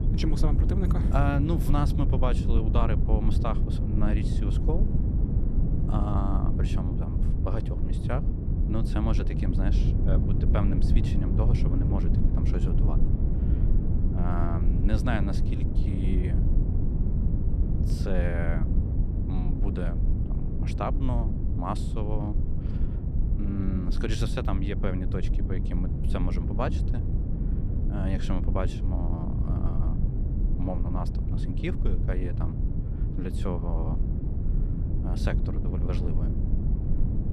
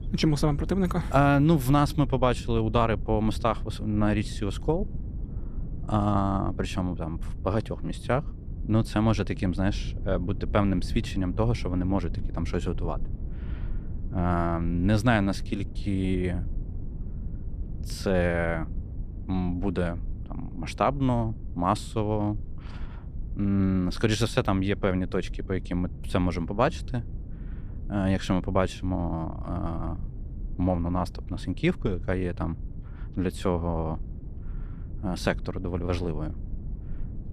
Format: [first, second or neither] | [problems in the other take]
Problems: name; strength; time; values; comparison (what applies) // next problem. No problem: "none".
second | low rumble; loud; throughout; 4 dB below the speech; faint in the second